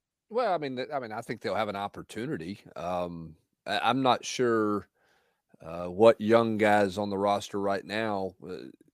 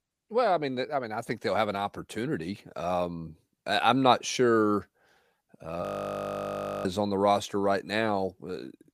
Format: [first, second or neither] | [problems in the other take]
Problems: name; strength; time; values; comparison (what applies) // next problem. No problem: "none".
first | audio freezing; at 6 s for 1 s